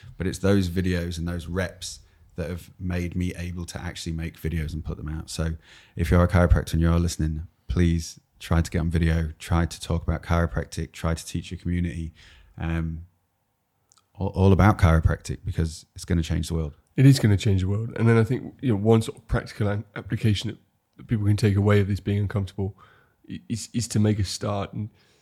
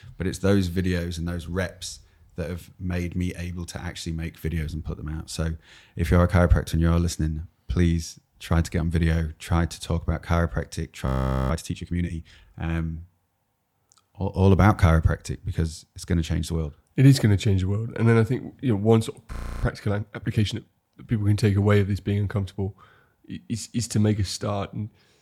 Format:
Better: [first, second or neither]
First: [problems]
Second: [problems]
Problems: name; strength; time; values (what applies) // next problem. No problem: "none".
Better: first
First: none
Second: audio freezing; at 11 s and at 19 s